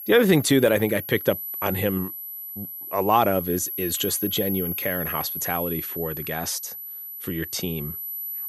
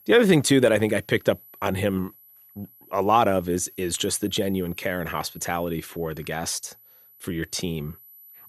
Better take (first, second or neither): second